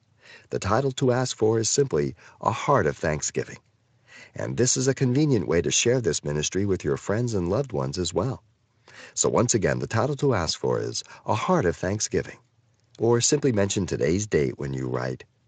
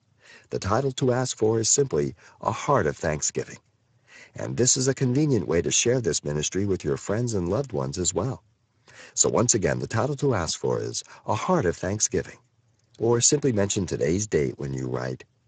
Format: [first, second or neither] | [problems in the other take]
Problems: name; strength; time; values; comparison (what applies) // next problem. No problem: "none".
first | garbled, watery; badly; nothing above 7.5 kHz; slightly in the first